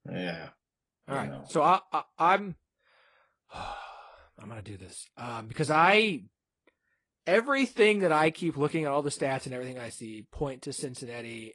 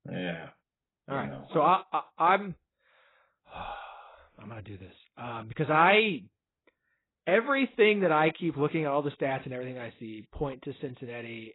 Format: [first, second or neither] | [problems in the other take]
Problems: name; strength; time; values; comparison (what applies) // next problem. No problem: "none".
first | garbled, watery; badly; nothing above 4 kHz; slightly in the first